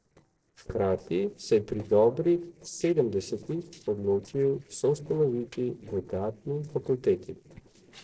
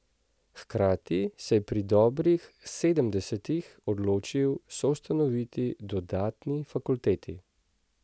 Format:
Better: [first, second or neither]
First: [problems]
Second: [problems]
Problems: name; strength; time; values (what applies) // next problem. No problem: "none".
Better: second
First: noise reduction (neural separator model SepFormer DNS4)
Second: none